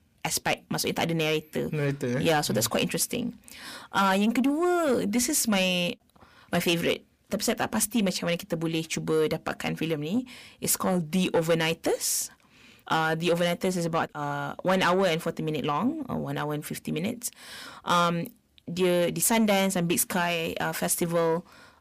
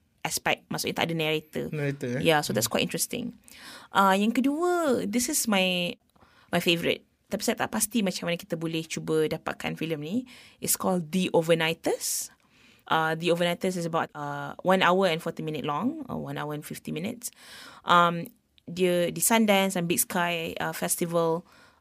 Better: second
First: distortion; slight; 10 dB below the speech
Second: none

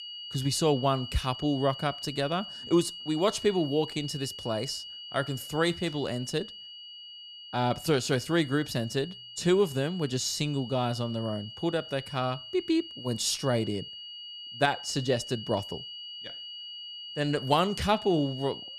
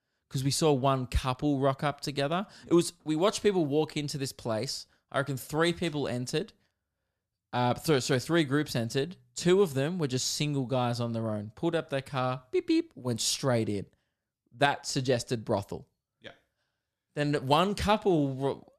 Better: second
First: high-pitched whine; noticeable; throughout; 3 kHz, 10 dB below the speech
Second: none

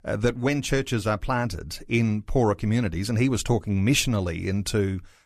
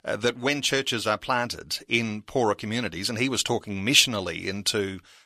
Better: first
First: none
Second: thin; somewhat; fading below 550 Hz

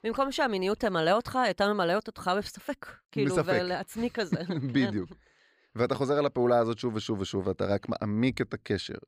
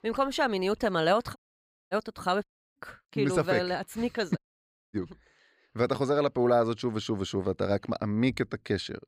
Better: first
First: none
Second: audio cutting out; at 1.5 s for 0.5 s, at 2.5 s and at 4.5 s for 0.5 s

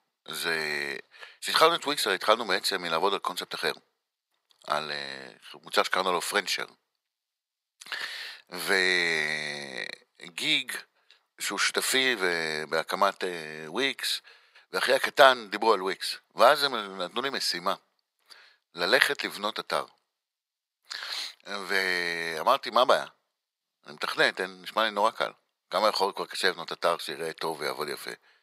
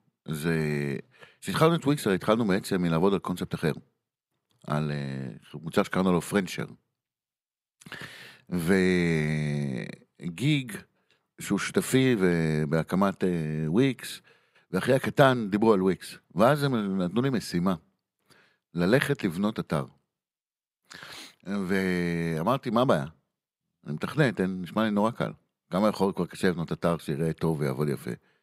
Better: second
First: thin; very; fading below 750 Hz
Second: none

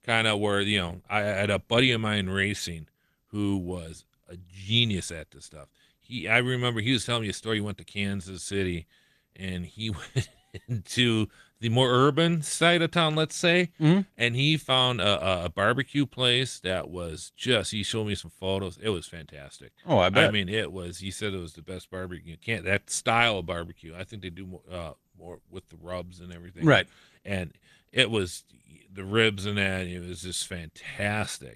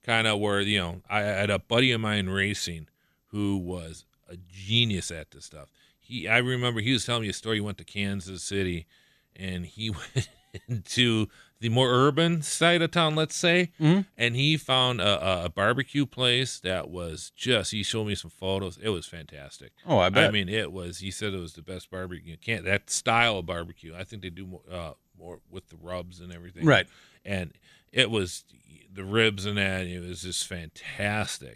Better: second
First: garbled, watery; slightly; nothing above 14 kHz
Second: none

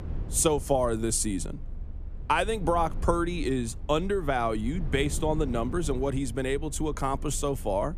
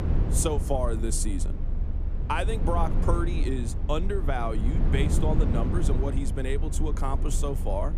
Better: first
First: low rumble; faint; throughout; 20 dB below the speech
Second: low rumble; loud; throughout; 8 dB below the speech

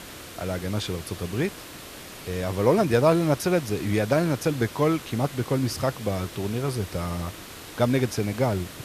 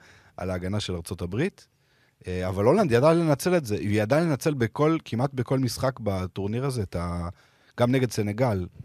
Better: second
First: hiss; noticeable; throughout; 15 dB below the speech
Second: none

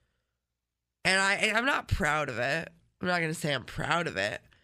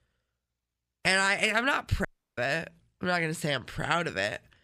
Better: first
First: none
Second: audio cutting out; at 2 s

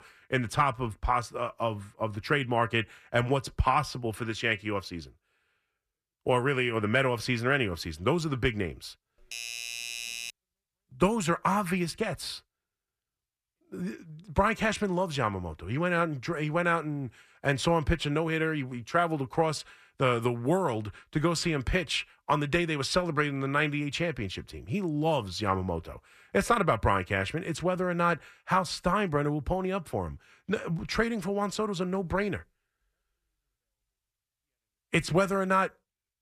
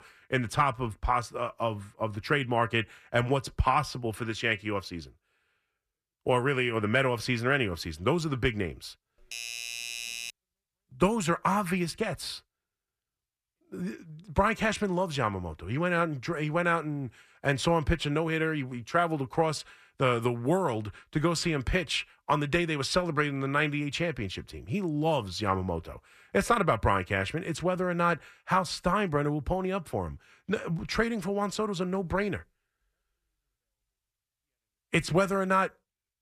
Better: neither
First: doorbell; noticeable; from 9 to 10 s; peak 5 dB below the speech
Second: doorbell; noticeable; from 9 to 10 s; peak 5 dB below the speech

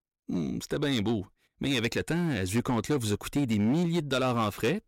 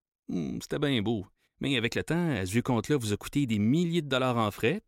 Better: second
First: distortion; slight; 10% of the sound clipped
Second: none

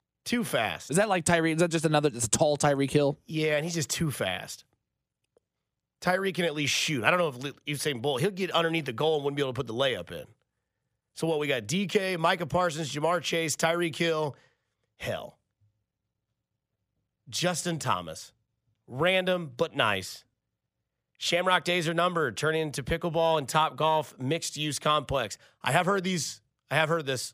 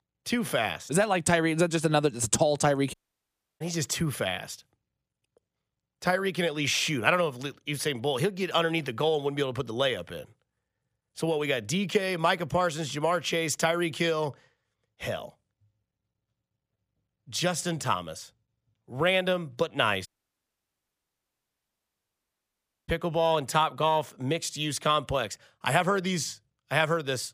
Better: first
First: none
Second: audio cutting out; at 3 s for 0.5 s and at 20 s for 3 s

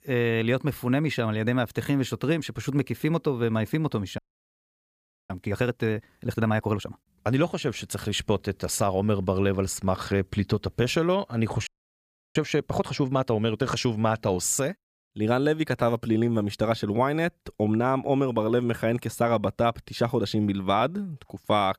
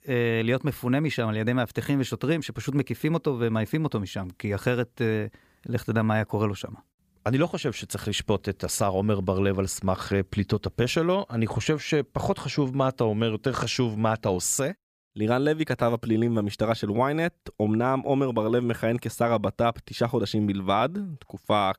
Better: second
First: audio freezing; at 4 s for 1 s and at 12 s for 0.5 s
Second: none

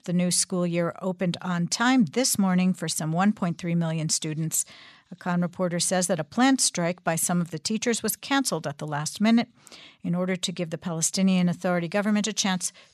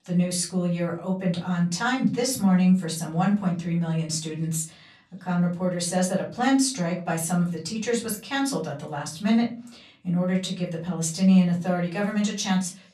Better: first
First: none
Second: off-mic speech; far // room echo; very slight; dies away in 0.3 s

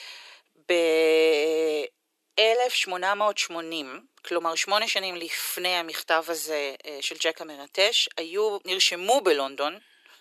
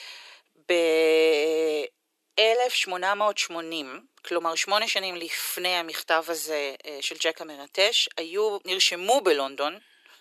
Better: neither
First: thin; very; fading below 350 Hz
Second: thin; very; fading below 350 Hz

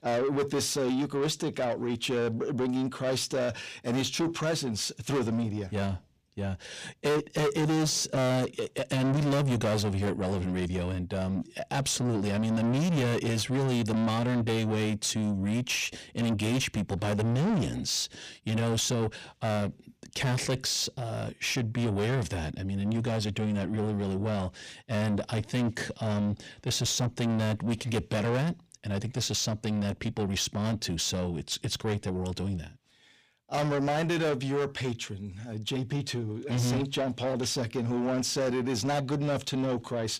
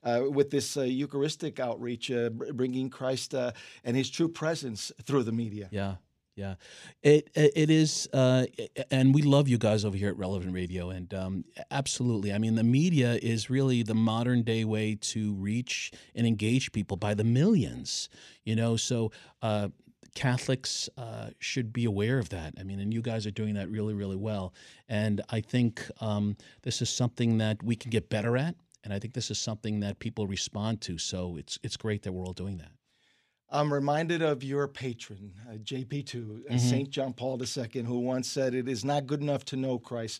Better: second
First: distortion; heavy; 6 dB below the speech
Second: none

